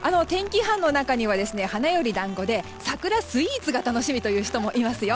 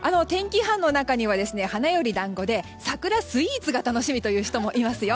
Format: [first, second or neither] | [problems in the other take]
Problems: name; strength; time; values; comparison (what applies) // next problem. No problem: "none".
second | background sound (Rain + Cat); 18 dB below the speech